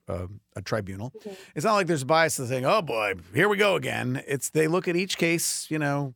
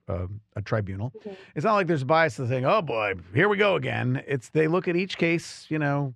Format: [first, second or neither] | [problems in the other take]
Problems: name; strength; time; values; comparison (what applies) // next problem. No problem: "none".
first | muffled; slightly; fading above 3 kHz